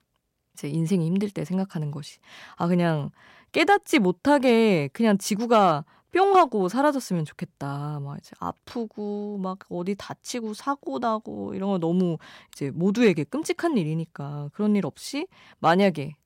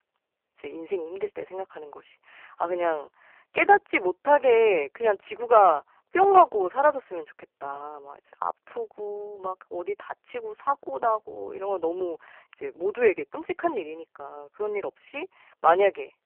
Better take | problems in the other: first | phone-call audio; poor line

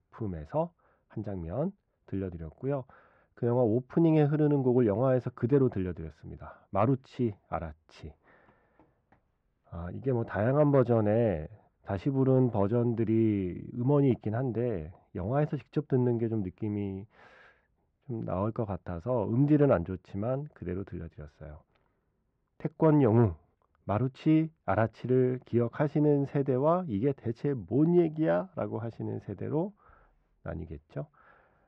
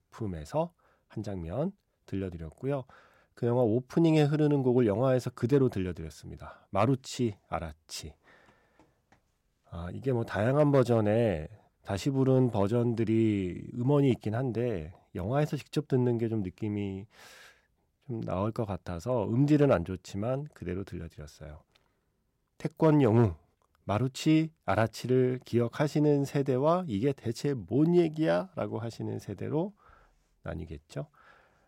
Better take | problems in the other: second | muffled; very; fading above 2 kHz

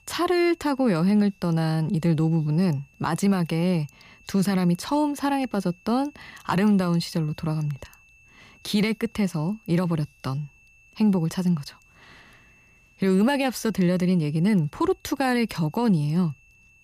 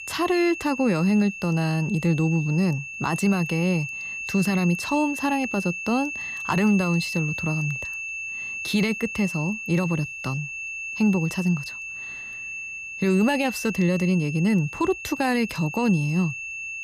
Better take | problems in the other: first | high-pitched whine; loud; throughout; 2.5 kHz, 7 dB below the speech; faint in the first

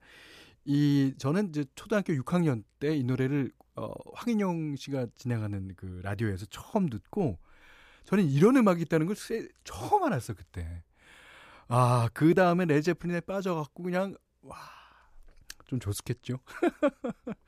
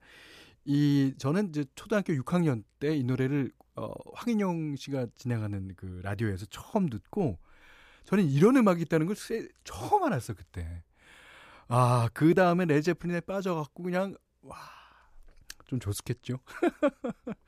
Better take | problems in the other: neither | none

